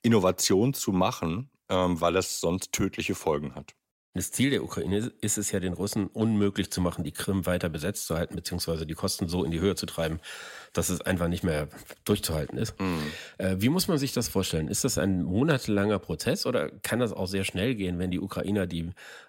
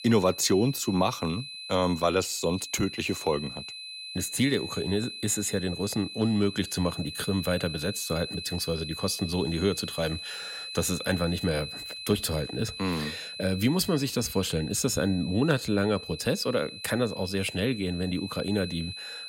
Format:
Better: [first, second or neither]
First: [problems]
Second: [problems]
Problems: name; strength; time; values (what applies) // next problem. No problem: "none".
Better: first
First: none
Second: high-pitched whine; loud; throughout; 4 kHz, 9 dB below the speech